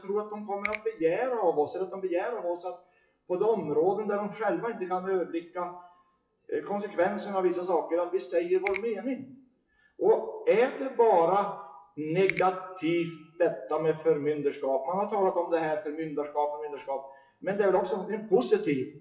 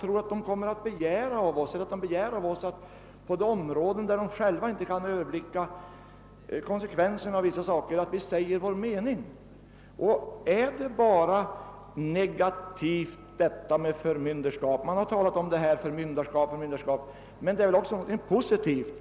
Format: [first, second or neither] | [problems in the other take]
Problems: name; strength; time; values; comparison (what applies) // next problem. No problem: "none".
second | noise reduction (classical method WPE with log-MMSE)